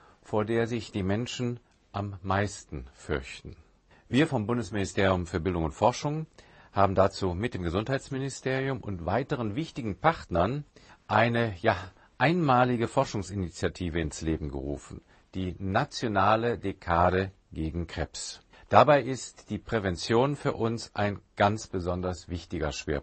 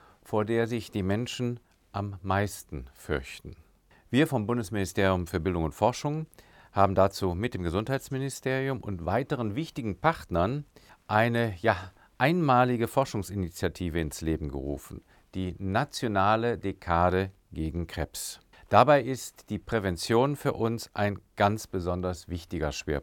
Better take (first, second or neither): second